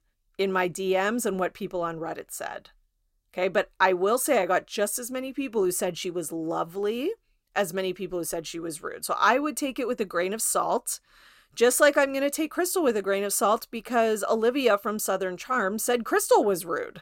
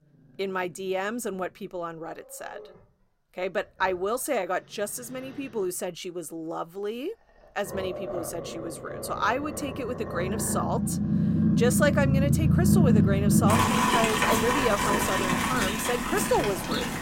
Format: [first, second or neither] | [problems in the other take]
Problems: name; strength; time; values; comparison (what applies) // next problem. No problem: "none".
first | animal sounds; very loud; throughout; 5 dB above the speech